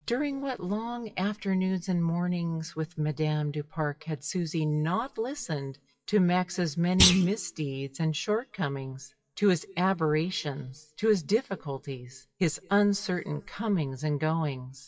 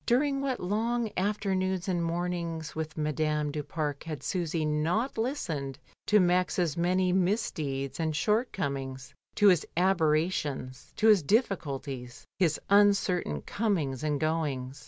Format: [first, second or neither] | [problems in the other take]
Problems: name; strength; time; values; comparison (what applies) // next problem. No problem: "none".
second | noise reduction (classical method WPE with log-MMSE)